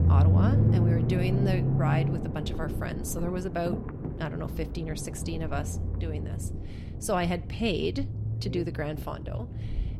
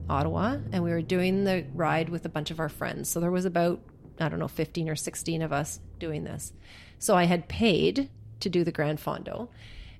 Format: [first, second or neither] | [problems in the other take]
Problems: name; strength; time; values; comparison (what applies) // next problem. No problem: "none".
second | low rumble; loud; throughout; 5 dB below the speech; faint in the second